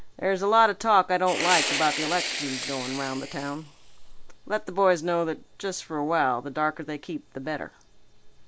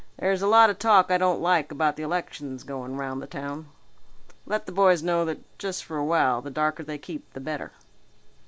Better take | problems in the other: second | background sound (Fire); 5 dB below the speech

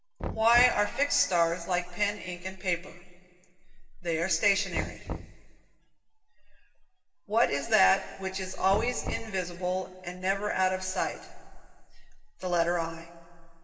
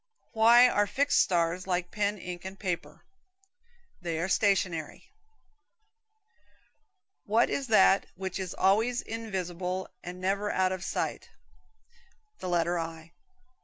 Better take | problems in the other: second | background sound (Knock); 12 dB below the speech // room echo; dies away in 1.7 s

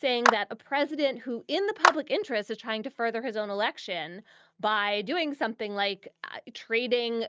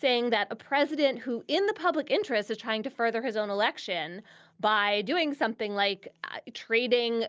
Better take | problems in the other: second | noise reduction (neural mask model RNNoise)

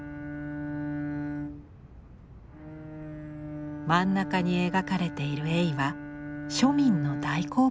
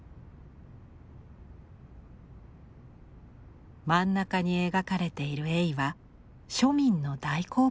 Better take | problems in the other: second | background sound (Bowed string instrument); 7 dB below the speech

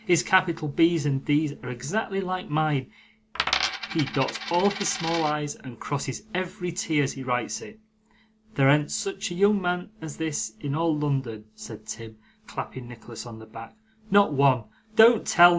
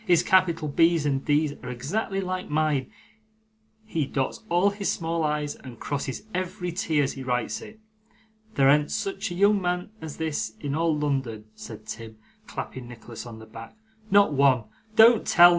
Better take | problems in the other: second | background sound (Coin (dropping)); 5 dB below the speech

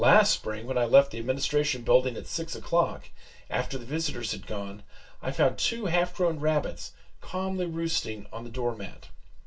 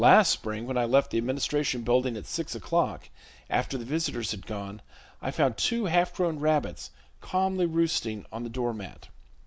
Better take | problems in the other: second | room echo; dies away in 0.2 s

